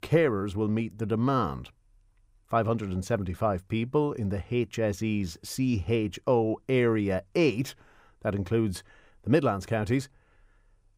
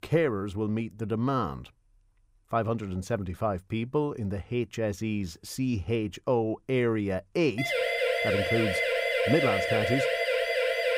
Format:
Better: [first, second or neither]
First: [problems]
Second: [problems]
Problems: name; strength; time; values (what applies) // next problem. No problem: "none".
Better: first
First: none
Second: siren; loud; from 7.5 s on; peak 4 dB above the speech